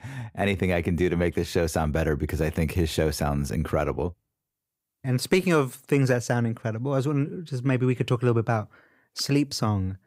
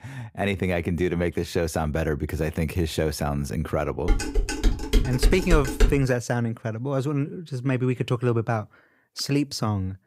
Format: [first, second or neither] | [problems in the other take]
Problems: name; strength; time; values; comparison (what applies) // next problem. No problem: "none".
first | clattering dishes; loud; from 4 to 6 s; peak 2 dB above the speech